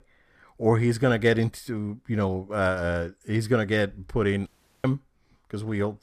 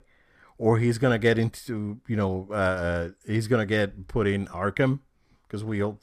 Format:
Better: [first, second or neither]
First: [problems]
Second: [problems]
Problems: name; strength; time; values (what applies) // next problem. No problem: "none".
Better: second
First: audio cutting out; at 4.5 s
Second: none